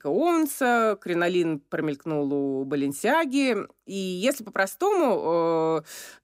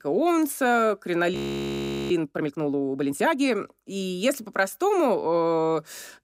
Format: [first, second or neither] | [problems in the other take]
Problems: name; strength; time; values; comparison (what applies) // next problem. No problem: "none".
first | audio freezing; at 1.5 s for 1 s